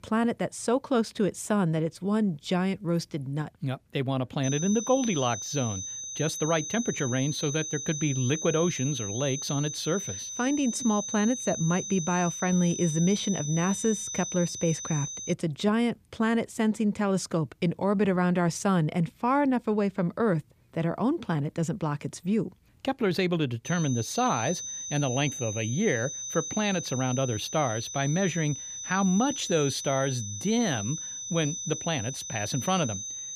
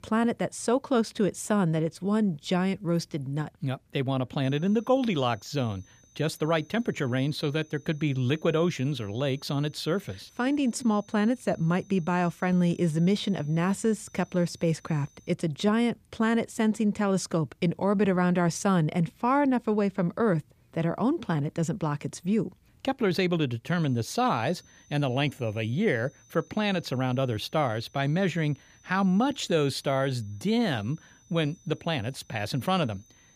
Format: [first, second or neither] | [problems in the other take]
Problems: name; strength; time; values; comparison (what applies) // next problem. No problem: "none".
second | high-pitched whine; loud; from 4.5 to 15 s and from 24 s on; 6 kHz, 6 dB below the speech; faint in the second